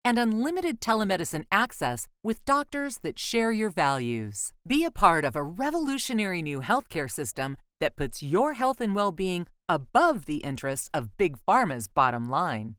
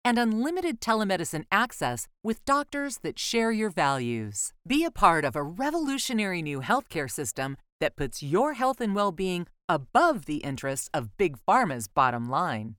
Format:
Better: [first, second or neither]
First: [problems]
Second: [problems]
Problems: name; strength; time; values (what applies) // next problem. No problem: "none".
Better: second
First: garbled, watery; slightly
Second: none